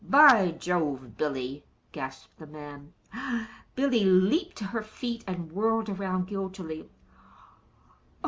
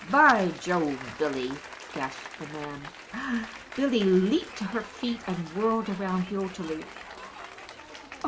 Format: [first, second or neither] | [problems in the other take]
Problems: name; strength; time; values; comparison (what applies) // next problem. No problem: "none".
first | background sound (Applause / Cheering); 15 dB below the speech